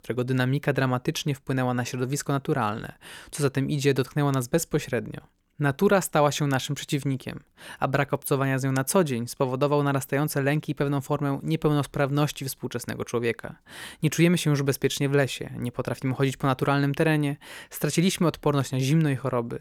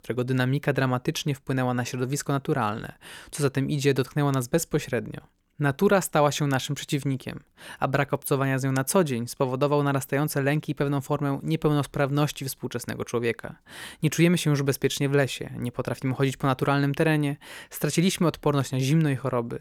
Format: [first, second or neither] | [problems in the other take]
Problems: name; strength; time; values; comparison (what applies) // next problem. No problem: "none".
neither | none